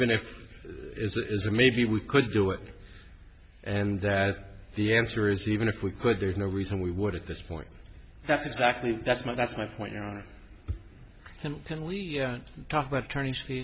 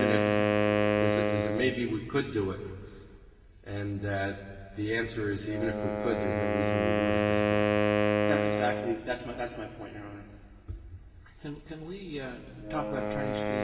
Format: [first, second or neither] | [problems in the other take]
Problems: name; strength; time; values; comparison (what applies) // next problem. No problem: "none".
first | background sound (Wind instrument, woodwind instrument); 4 dB above the speech // room echo; dies away in 2.6 s